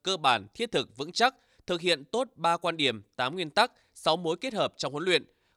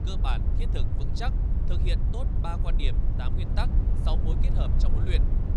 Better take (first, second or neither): first